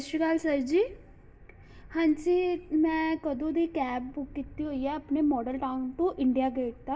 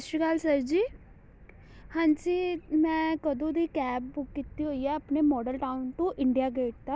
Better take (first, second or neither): second